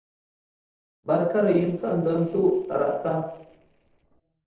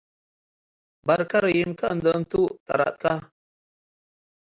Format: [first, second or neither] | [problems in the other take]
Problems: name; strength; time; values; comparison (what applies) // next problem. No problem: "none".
second | noise reduction (neural separator model SepFormer DNS4)